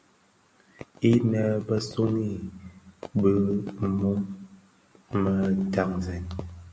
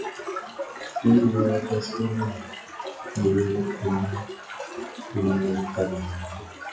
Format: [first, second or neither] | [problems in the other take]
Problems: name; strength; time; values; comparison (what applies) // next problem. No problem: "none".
first | noise reduction (classical method WPE with log-MMSE)